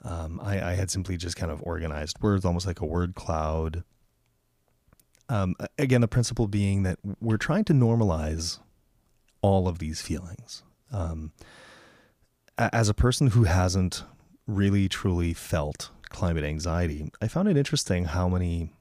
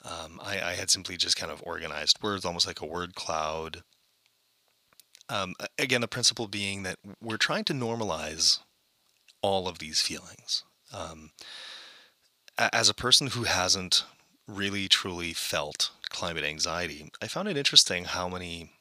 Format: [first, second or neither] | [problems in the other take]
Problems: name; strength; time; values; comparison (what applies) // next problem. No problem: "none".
first | thin; somewhat; fading below 1 kHz